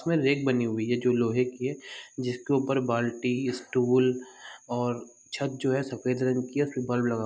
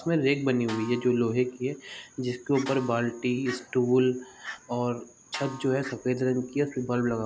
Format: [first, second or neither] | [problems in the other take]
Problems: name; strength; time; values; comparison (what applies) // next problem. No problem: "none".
first | background sound (Fowl + Snare drum); 18 dB below the speech